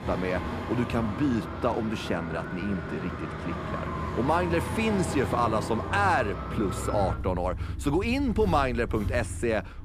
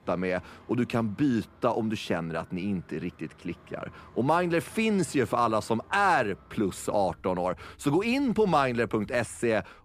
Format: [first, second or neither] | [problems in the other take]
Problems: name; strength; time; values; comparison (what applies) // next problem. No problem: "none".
second | traffic noise; loud; throughout; 5 dB below the speech; faint in the second